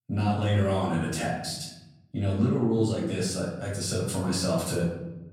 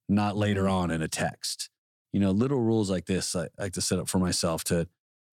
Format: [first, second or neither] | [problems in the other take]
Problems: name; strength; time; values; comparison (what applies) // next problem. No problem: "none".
second | off-mic speech; far // room echo; noticeable; dies away in 0.9 s